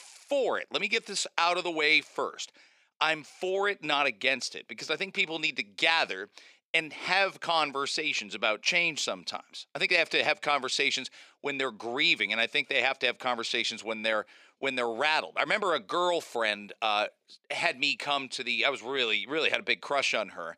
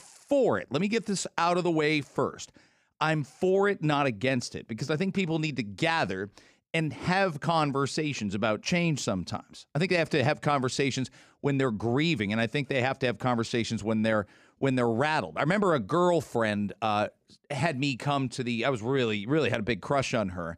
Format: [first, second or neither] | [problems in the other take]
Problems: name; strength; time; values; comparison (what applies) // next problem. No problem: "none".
second | thin; somewhat; fading below 500 Hz